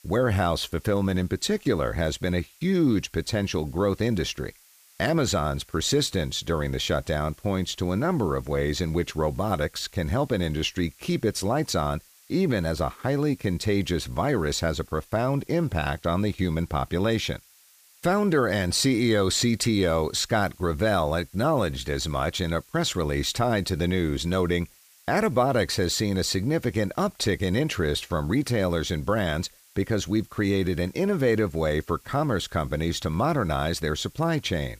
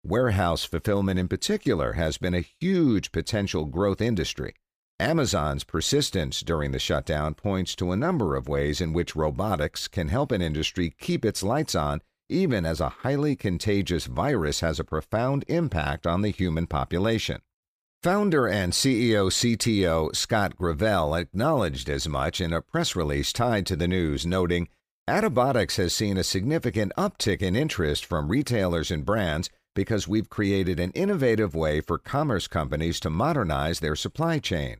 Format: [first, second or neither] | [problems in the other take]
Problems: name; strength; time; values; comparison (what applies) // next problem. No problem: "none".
second | hiss; faint; throughout; 30 dB below the speech